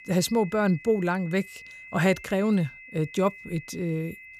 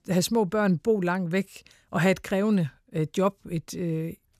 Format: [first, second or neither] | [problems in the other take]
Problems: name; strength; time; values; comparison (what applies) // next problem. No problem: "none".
second | high-pitched whine; noticeable; throughout; 2 kHz, 15 dB below the speech